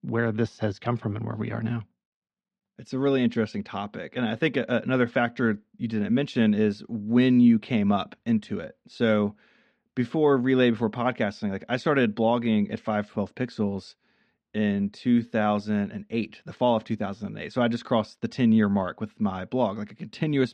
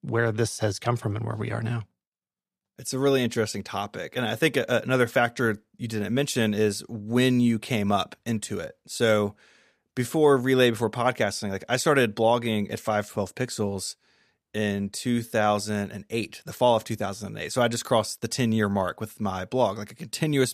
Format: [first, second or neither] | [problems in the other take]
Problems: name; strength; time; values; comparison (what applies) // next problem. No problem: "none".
second | muffled; slightly; fading above 3.5 kHz